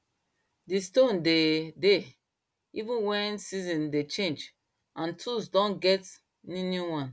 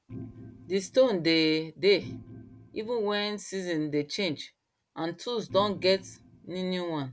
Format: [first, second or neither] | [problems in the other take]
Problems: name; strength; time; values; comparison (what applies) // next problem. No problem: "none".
first | background sound (Organ); 16 dB below the speech